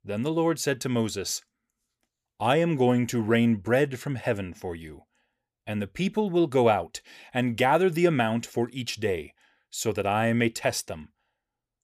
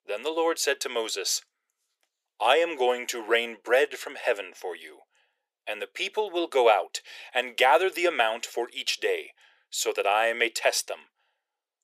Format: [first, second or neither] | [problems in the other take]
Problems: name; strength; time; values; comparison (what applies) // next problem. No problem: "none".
first | thin; very; fading below 400 Hz